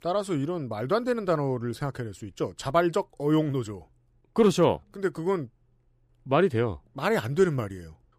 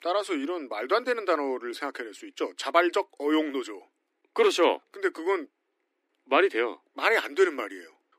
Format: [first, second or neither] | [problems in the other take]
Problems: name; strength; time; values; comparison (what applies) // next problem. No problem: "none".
first | thin; somewhat; fading below 250 Hz